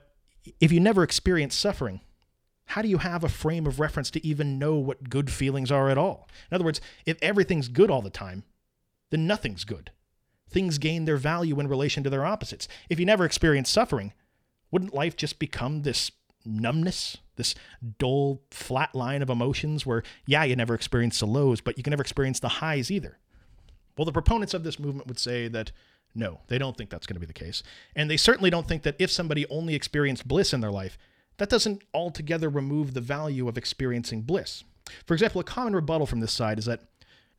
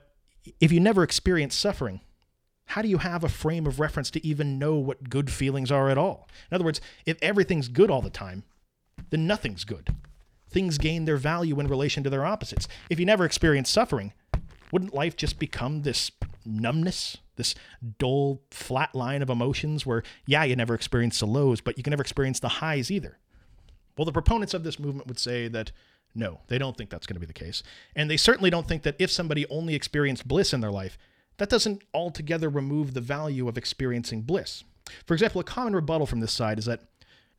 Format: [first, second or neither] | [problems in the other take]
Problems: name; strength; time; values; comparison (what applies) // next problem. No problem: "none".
first | footsteps; noticeable; from 8 to 16 s; peak 9 dB below the speech